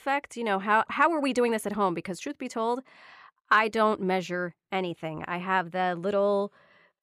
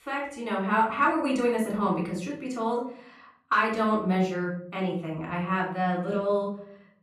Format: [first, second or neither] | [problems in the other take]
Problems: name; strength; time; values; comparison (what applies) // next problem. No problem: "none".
first | room echo; slight; dies away in 0.9 s // off-mic speech; far